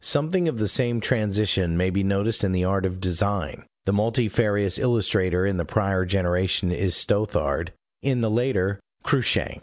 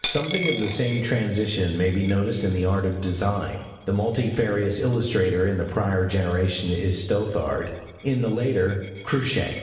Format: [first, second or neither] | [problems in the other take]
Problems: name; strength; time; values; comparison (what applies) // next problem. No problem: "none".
first | background sound (Coin (dropping)); 16 dB below the speech // room echo; dies away in 1.2 s